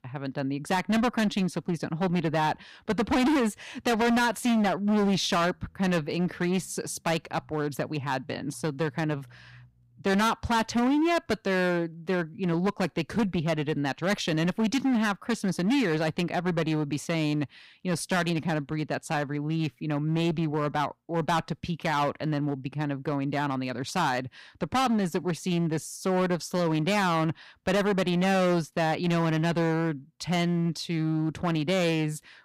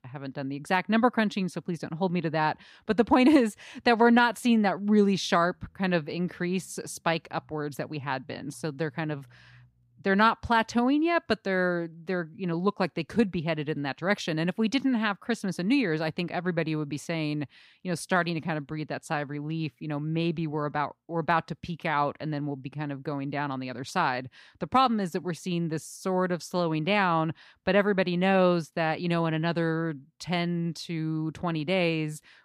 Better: second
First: distortion; heavy; 13% of the sound clipped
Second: none

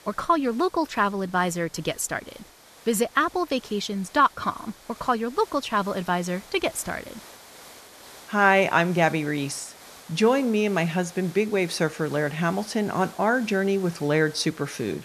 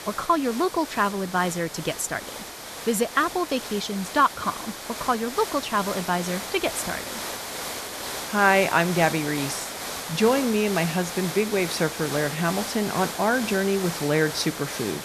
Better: first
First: hiss; faint; throughout; 20 dB below the speech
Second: hiss; loud; throughout; 8 dB below the speech

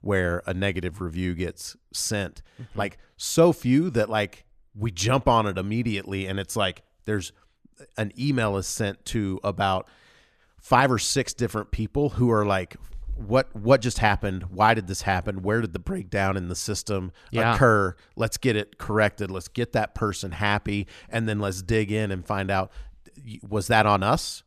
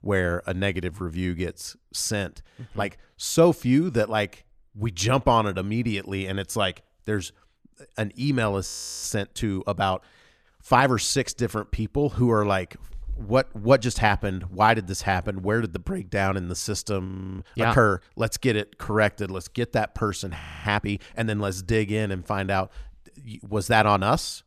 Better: first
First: none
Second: audio freezing; at 8.5 s, at 17 s and at 20 s

